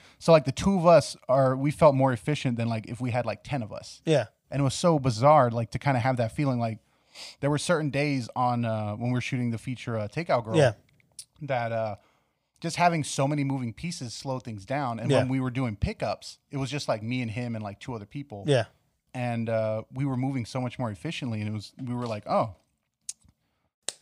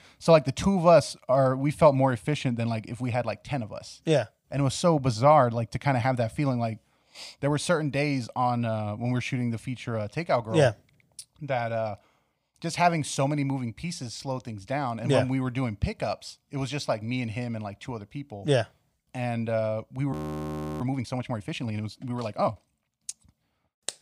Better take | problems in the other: first | audio freezing; at 20 s for 0.5 s

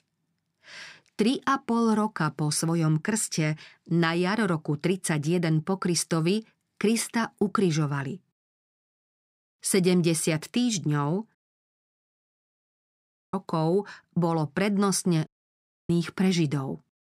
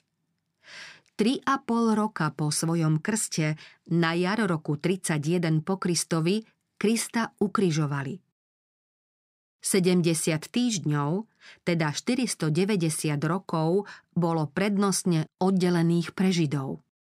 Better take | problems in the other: second | audio cutting out; at 11 s for 2 s and at 15 s for 0.5 s

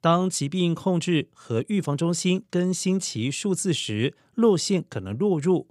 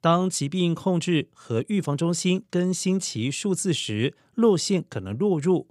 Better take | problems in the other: neither | none

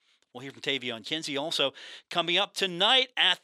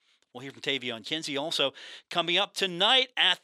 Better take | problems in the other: neither | thin; somewhat; fading below 400 Hz; the same in both

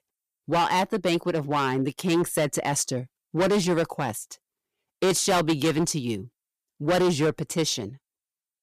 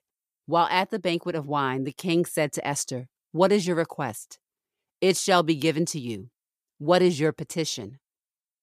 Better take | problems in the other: second | distortion; heavy; 10% of the sound clipped

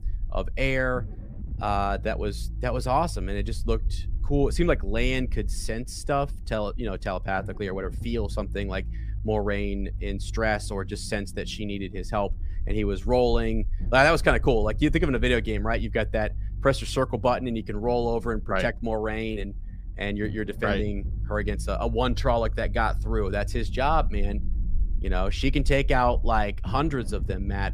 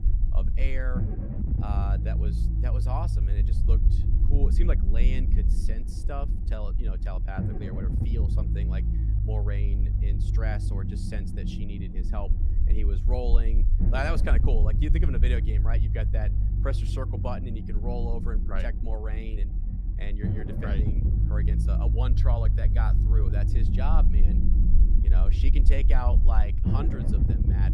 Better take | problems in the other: first | low rumble; loud; throughout; 4 dB below the speech; faint in the first

